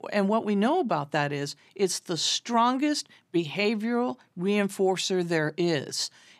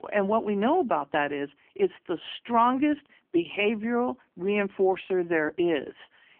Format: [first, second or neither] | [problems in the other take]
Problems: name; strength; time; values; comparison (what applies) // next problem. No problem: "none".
first | phone-call audio; poor line; nothing above 3 kHz